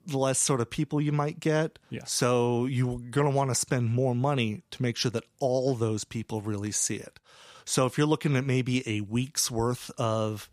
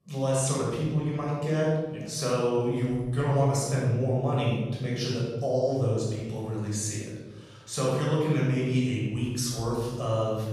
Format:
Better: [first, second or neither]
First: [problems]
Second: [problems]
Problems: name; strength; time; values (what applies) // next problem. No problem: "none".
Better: first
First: none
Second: off-mic speech; far // room echo; strong; dies away in 1.4 s